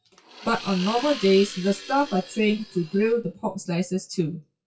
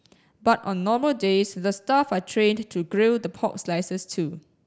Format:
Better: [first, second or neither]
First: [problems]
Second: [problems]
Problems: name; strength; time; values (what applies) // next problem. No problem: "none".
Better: second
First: noise reduction (classical method WPE with log-MMSE)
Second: none